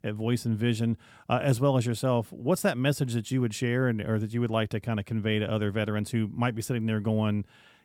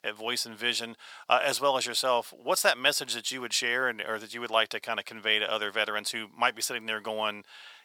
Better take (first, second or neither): first